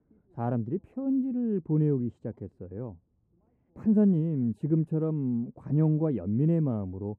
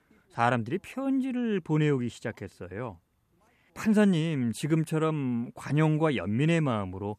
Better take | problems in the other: second | muffled; very; fading above 1 kHz

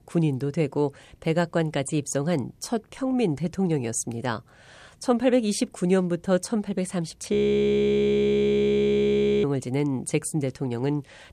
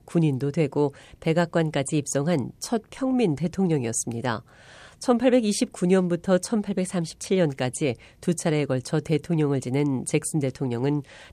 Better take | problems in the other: second | audio freezing; at 7.5 s for 2 s

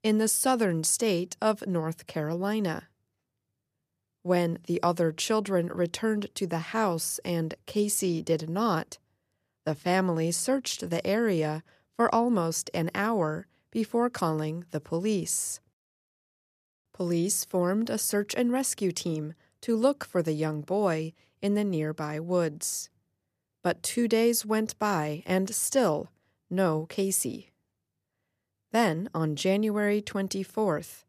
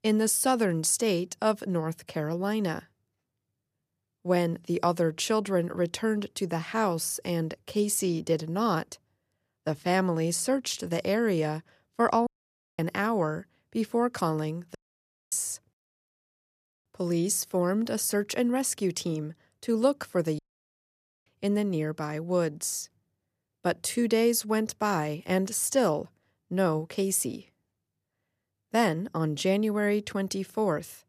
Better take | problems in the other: first | audio cutting out; at 12 s for 0.5 s, at 15 s for 0.5 s and at 20 s for 1 s

